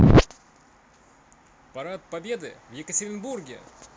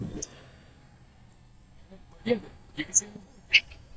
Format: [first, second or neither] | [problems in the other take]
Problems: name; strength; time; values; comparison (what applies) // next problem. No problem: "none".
first | noise reduction (neural mask model DeepFilterNet 3)